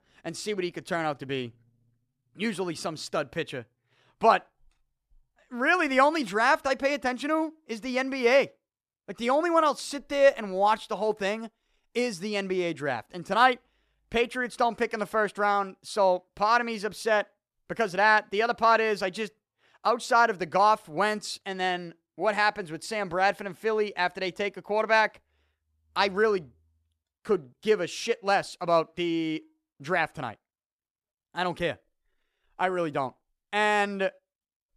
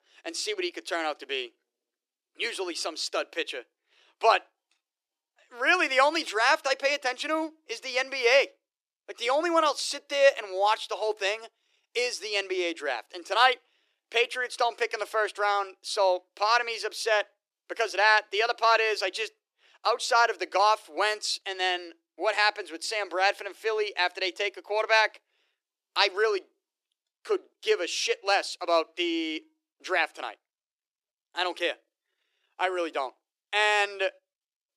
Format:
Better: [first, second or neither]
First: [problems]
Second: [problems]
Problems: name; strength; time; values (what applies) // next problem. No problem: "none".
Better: first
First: none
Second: thin; very; fading below 350 Hz